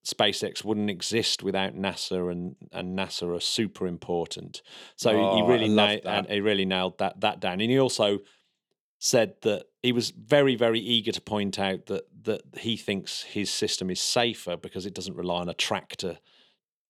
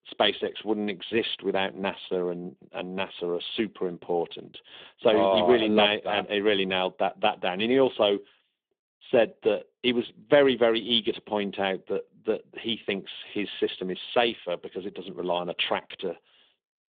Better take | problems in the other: first | phone-call audio; nothing above 3.5 kHz

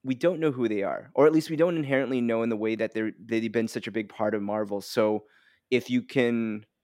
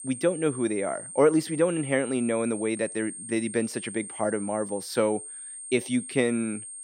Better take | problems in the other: first | high-pitched whine; loud; throughout; 8.5 kHz, 10 dB below the speech

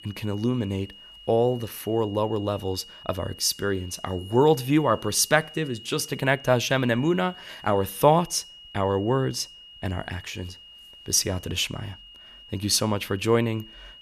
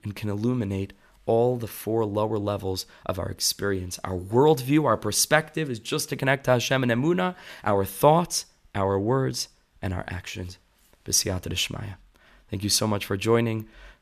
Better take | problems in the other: second | high-pitched whine; noticeable; throughout; 3 kHz, 20 dB below the speech

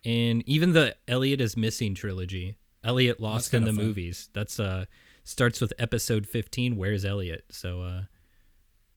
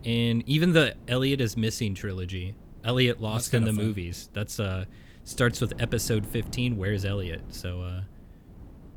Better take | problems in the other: first | wind noise on the microphone; occasional gusts; 25 dB below the speech

